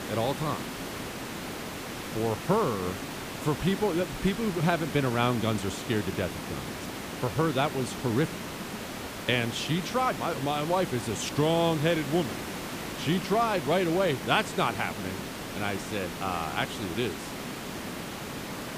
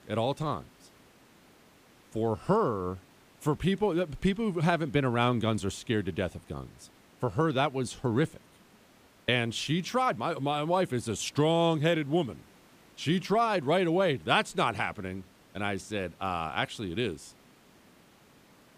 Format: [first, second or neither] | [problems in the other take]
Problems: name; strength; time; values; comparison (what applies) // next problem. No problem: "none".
second | hiss; loud; throughout; 7 dB below the speech; faint in the second